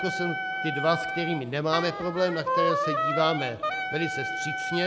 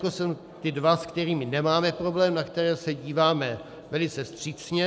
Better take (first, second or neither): second